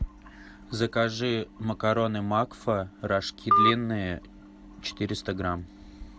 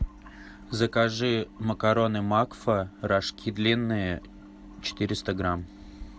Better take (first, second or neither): second